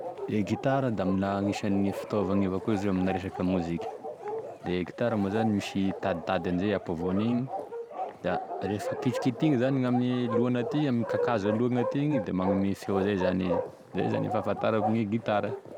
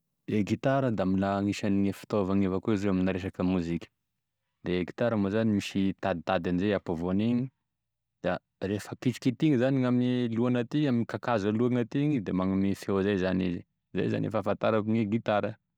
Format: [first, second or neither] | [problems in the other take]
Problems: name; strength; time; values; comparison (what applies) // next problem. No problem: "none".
second | background sound (Bark); 7 dB below the speech